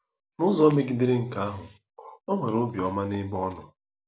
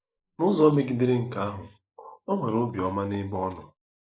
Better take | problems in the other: first | noise reduction (neural mask model Resemble Enhance denoiser)

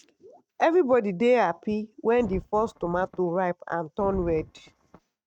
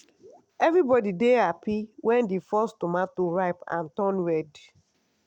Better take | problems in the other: second | noise reduction (neural mask model RNNoise)

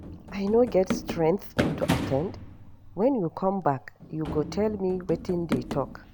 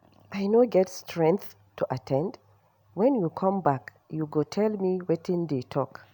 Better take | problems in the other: second | background sound (Run); 6 dB below the speech

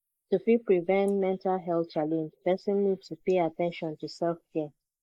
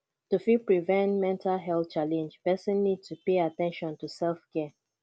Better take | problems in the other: second | noise reduction (neural mask model Resemble Enhance denoiser)

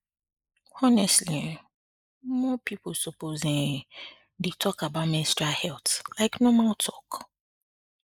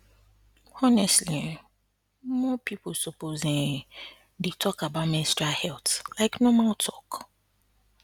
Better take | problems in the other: second | noise reduction (neural mask model Resemble Enhance denoiser)

